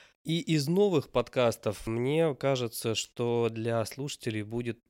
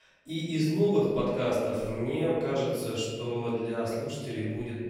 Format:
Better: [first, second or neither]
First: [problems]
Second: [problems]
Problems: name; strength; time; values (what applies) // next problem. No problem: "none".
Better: first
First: none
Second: off-mic speech; far // room echo; strong; dies away in 1.6 s